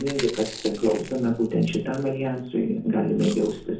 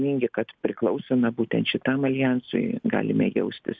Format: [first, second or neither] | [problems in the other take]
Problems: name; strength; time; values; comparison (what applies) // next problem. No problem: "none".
second | background sound (Chewing, mastication); 17 dB below the speech // room echo; dies away in 0.6 s